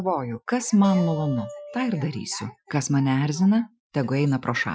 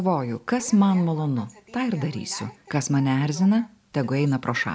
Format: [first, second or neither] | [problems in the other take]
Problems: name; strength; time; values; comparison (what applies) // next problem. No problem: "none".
second | noise reduction (classical method Wiener filter)